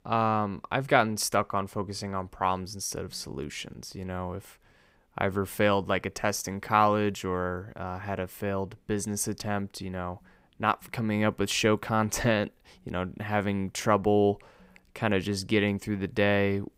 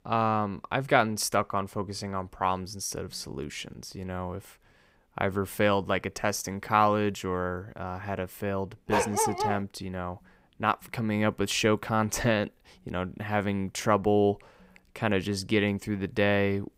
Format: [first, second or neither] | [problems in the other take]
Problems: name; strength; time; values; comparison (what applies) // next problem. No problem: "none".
first | dog barking; loud; at 9 s; peak 2 dB above the speech